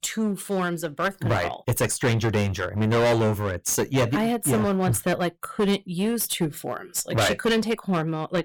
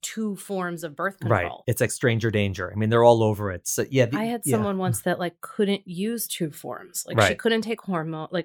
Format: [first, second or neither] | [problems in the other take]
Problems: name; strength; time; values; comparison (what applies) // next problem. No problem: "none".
second | distortion; heavy; 14% of the sound clipped